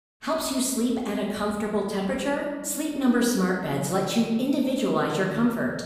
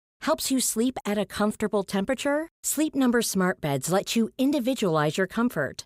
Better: second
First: room echo; noticeable; dies away in 1.1 s // off-mic speech; somewhat distant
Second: none

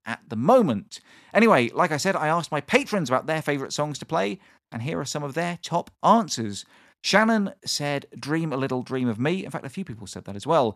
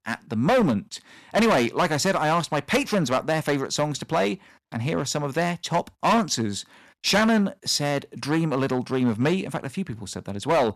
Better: first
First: none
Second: distortion; heavy; 7% of the sound clipped

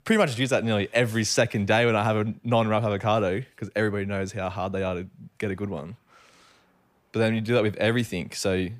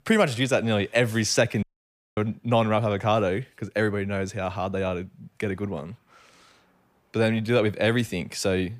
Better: first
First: none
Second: audio cutting out; at 1.5 s for 0.5 s

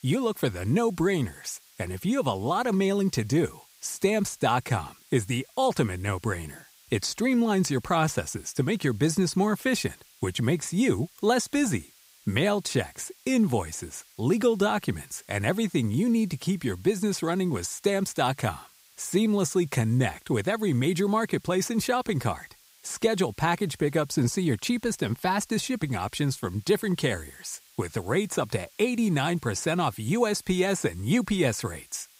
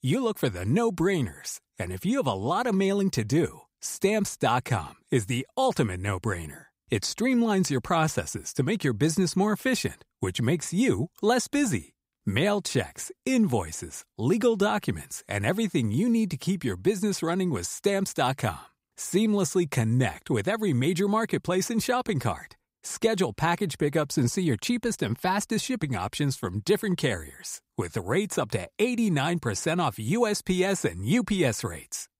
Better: second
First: hiss; faint; throughout; 25 dB below the speech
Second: none

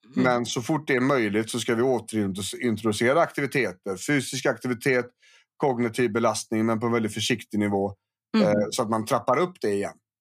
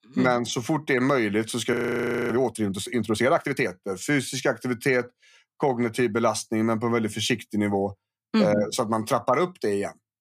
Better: first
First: none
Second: audio freezing; at 1.5 s for 0.5 s

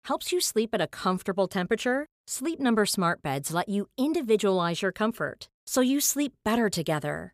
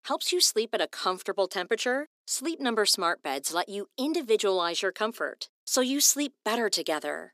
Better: first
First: none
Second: thin; very slightly; fading below 250 Hz

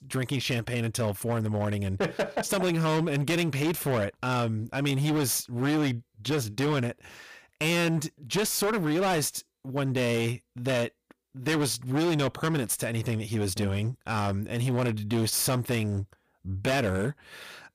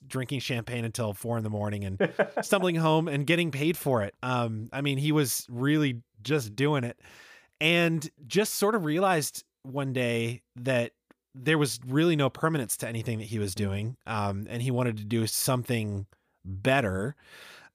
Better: second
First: distortion; heavy; 18% of the sound clipped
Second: none

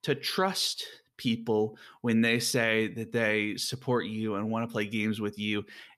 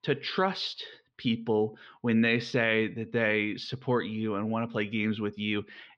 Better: first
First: none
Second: muffled; slightly; fading above 4 kHz

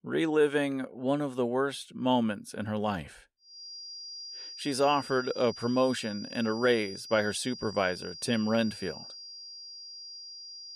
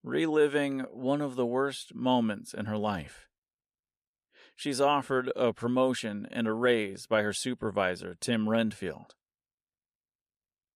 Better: second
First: high-pitched whine; noticeable; from 3.5 s on; 5 kHz, 10 dB below the speech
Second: none

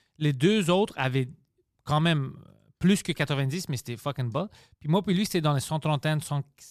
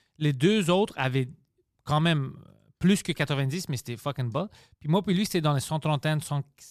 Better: neither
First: none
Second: none

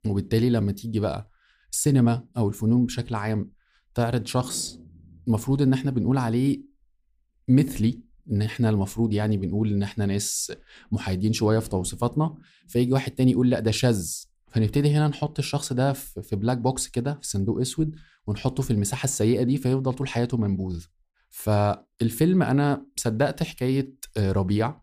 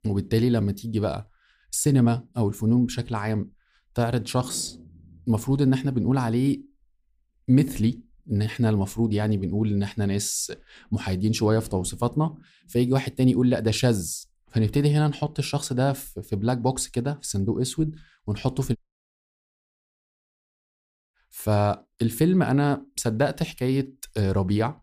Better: first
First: none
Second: audio cutting out; at 19 s for 2.5 s

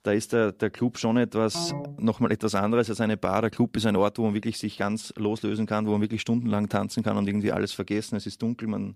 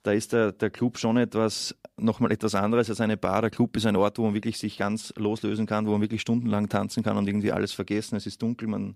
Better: second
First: phone ringing; noticeable; at 1.5 s; peak 7 dB below the speech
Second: none

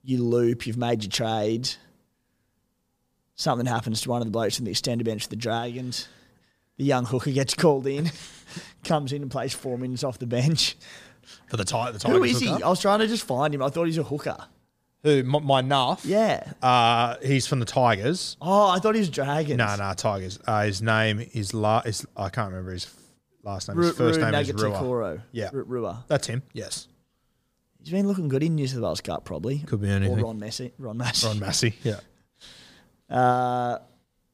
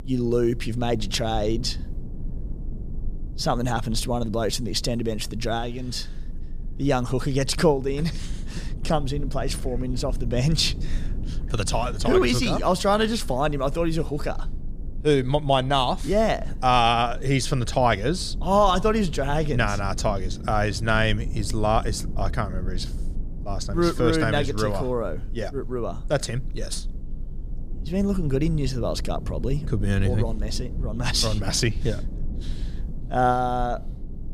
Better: first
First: none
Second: low rumble; faint; throughout; 20 dB below the speech

